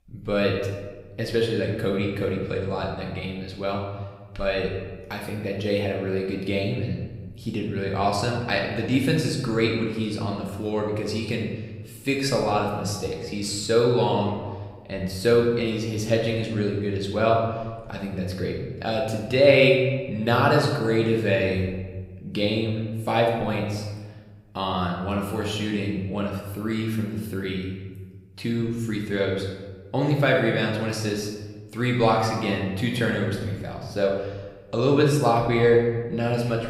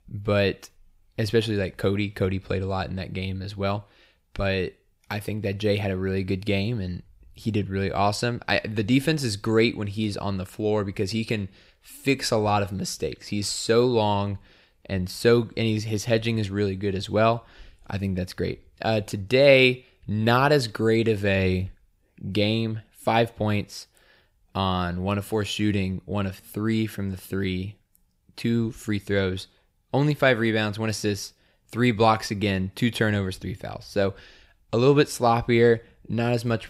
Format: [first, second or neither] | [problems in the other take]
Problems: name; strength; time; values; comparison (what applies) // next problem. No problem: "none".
second | room echo; noticeable; dies away in 1.1 s // off-mic speech; somewhat distant